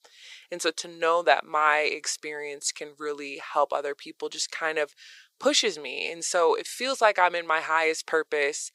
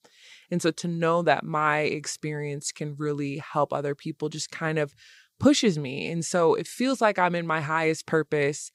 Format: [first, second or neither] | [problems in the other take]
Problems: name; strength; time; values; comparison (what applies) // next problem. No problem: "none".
second | thin; very; fading below 450 Hz